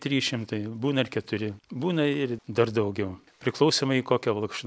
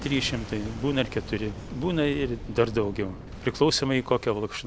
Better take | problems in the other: first | background sound (Boom); 12 dB below the speech

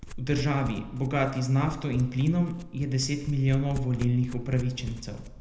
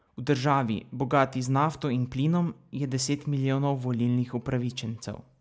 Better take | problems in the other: second | background sound (Domestic sounds, home sounds); 12 dB below the speech // room echo; dies away in 0.7 s

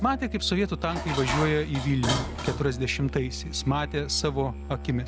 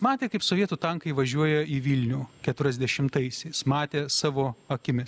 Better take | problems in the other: second | background sound (Musical instrument + Dishes, pots, and pans); 6 dB below the speech

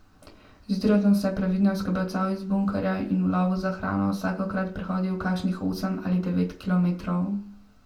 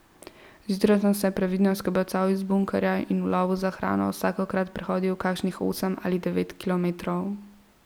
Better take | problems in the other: second | room echo; dies away in 0.3 s

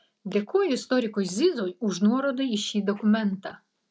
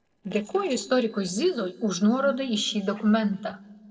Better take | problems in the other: first | noise reduction (neural separator model SepFormer DNS4)

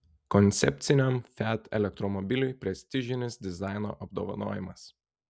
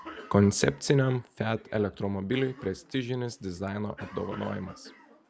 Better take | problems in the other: first | background sound (Cough); 19 dB below the speech

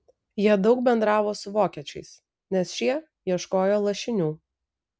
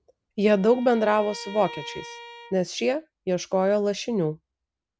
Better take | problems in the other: first | background sound (Bowed string instrument); 17 dB below the speech

